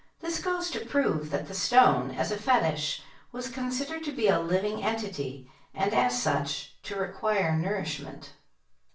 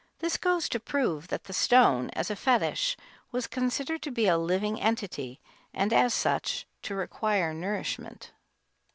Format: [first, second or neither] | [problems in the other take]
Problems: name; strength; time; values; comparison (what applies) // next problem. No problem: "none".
second | room echo; dies away in 0.3 s